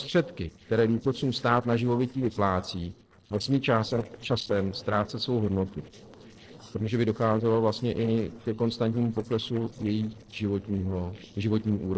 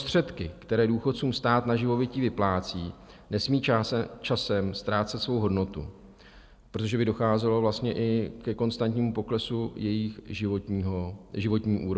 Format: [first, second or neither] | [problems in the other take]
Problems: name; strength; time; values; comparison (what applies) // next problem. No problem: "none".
second | noise reduction (neural separator model SepFormer DNS4)